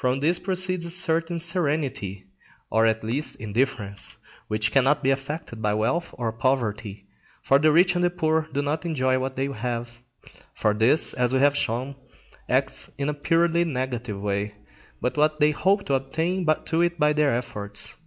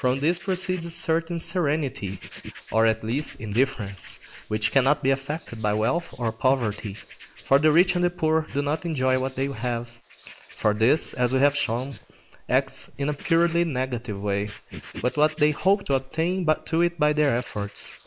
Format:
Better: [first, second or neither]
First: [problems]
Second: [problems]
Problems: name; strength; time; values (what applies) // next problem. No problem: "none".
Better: first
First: none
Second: noise reduction (neural mask model Resemble Enhance denoiser)